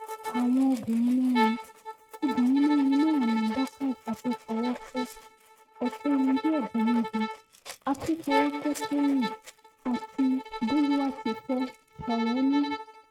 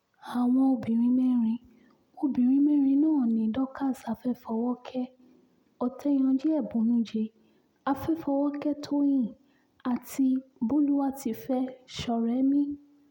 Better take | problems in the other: second | noise reduction (neural mask model RNNoise)

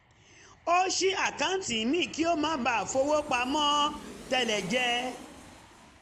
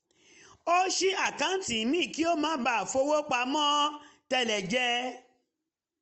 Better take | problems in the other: second | background sound (Aircraft); 18 dB below the speech

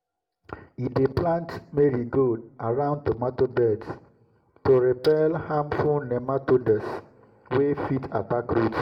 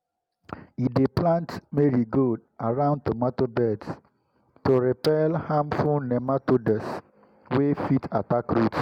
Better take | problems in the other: second | room echo; dies away in 0.4 s

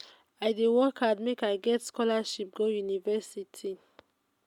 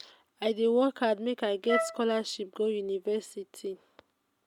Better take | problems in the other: first | background sound (Wind instrument, woodwind instrument); 4 dB below the speech

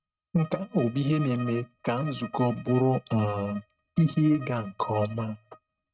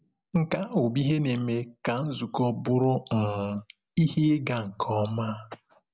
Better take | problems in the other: second | noise reduction (neural mask model RNNoise)

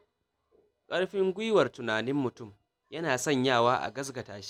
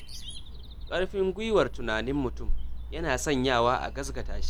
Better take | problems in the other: first | background sound (Bird vocalization, bird call, bird song); 3 dB below the speech

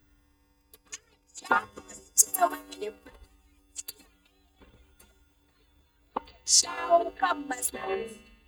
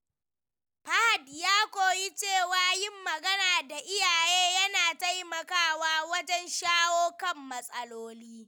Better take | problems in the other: second | noise reduction (neural mask model DeepFilterNet 3)

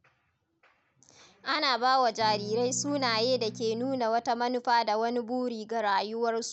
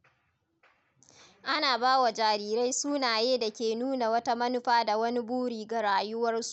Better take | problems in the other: second | background sound (Electric guitar / Strum); 13 dB below the speech

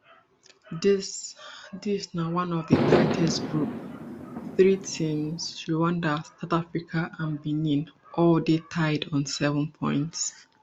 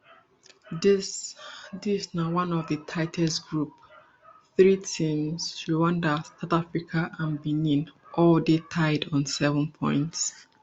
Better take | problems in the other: second | background sound (Fireworks); as loud as the speech

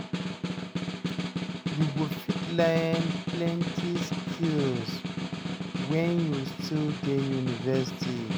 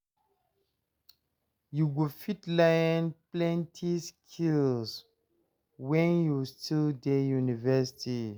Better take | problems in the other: second | background sound (Snare drum); 2 dB below the speech

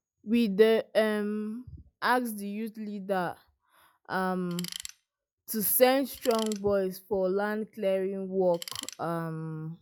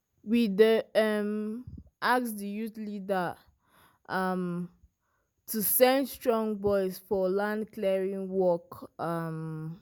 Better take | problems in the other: second | noise reduction (classical method log-MMSE)

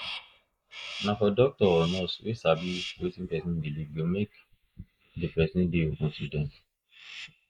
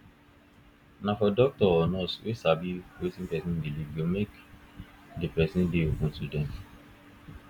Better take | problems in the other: second | noise reduction (neural mask model Resemble Enhance denoiser)

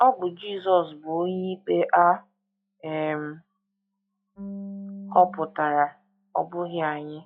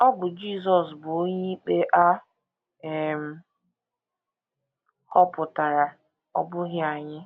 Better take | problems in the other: second | noise reduction (classical method log-MMSE)

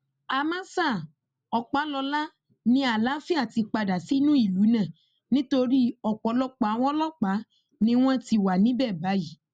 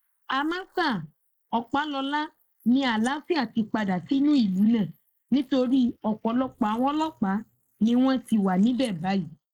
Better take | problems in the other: first | noise reduction (neural mask model Resemble Enhance denoiser)

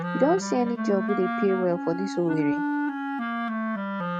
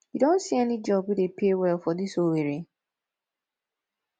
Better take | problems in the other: second | noise reduction (neural mask model RNNoise)

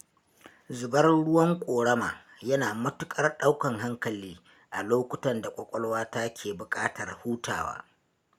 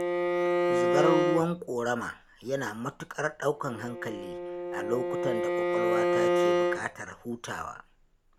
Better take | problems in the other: first | background sound (Bowed string instrument); 4 dB above the speech

